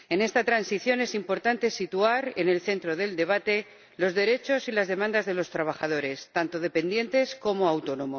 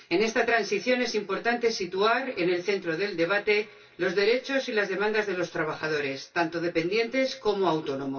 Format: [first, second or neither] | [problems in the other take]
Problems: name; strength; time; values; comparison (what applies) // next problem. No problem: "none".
first | room echo; dies away in 0.2 s